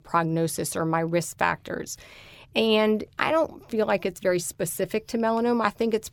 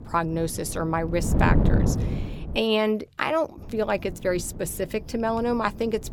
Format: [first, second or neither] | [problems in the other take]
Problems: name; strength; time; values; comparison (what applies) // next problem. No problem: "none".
first | wind noise on the microphone; heavy; until 2.5 s and from 3.5 s on; 8 dB below the speech